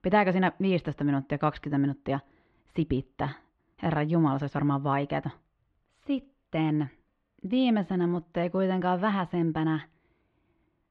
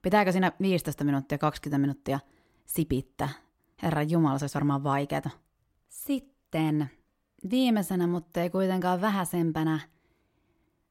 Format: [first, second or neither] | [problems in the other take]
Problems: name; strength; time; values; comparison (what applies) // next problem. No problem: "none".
second | muffled; slightly; fading above 3.5 kHz